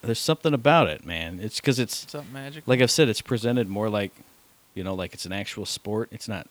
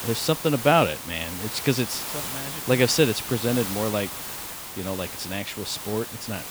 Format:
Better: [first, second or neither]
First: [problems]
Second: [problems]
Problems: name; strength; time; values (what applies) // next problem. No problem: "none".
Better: first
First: hiss; faint; throughout; 30 dB below the speech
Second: hiss; loud; throughout; 7 dB below the speech